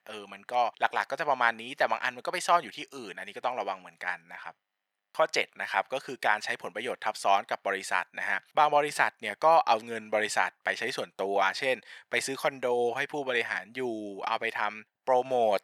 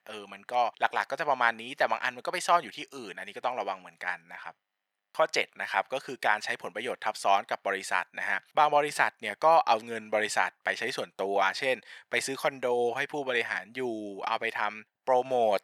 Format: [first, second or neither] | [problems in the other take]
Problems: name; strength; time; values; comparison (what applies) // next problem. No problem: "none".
neither | thin; very; fading below 650 Hz; the same in both